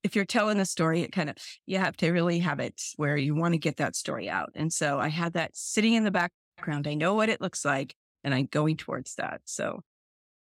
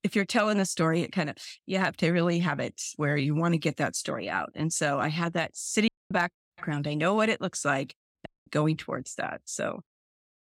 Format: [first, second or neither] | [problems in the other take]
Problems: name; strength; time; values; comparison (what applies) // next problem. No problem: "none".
first | audio cutting out; at 6 s and at 8.5 s